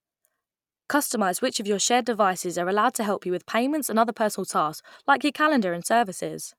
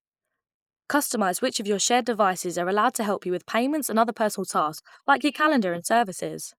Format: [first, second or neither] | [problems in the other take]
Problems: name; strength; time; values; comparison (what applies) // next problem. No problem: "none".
first | noise reduction (neural mask model Resemble Enhance denoiser)